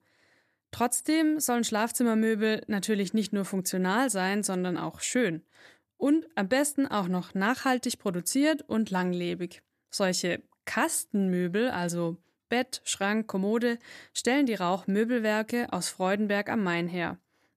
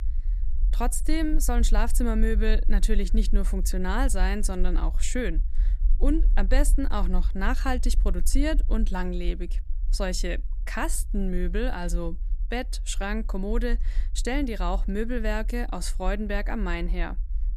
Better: first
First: none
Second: low rumble; faint; throughout; 20 dB below the speech

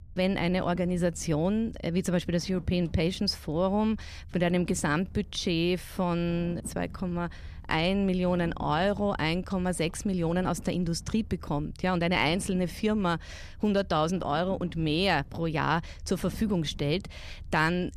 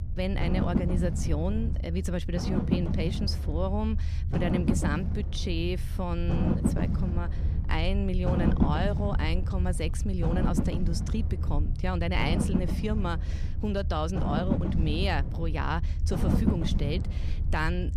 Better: first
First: low rumble; faint; throughout; 25 dB below the speech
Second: low rumble; loud; throughout; 4 dB below the speech

